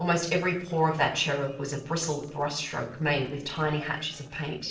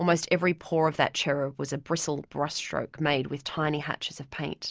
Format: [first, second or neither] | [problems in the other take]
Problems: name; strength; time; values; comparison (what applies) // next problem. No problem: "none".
second | noise reduction (neural separator model SepFormer DNS4)